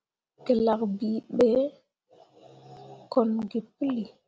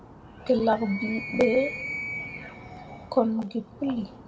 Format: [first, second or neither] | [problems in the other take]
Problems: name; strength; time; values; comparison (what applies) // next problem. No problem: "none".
first | background sound (Animal); 10 dB below the speech // room echo; dies away in 2.1 s